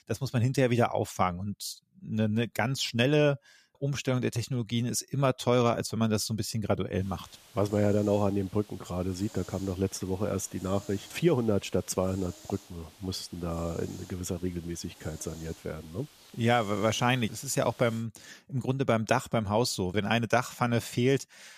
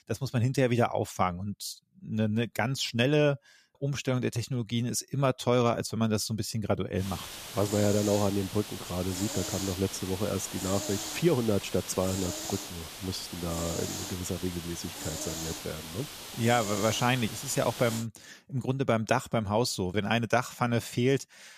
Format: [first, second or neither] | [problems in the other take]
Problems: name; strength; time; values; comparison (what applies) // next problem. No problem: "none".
first | hiss; loud; from 7 to 18 s; 7 dB below the speech; faint in the first